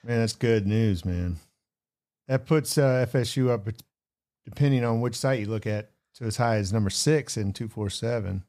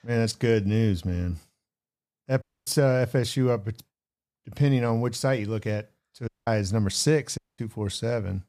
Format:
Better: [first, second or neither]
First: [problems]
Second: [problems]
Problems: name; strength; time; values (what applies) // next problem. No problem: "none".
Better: first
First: none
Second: audio cutting out; at 2.5 s, at 6.5 s and at 7.5 s